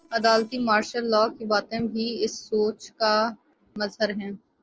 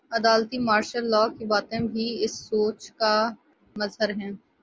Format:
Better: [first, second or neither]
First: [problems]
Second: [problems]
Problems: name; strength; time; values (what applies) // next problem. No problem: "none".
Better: second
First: noise reduction (neural separator model SepFormer DNS4)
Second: none